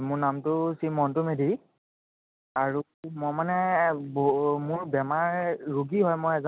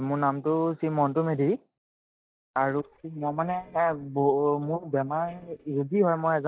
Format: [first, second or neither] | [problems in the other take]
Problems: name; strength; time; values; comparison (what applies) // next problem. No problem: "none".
first | noise reduction (neural mask model DeepFilterNet 3)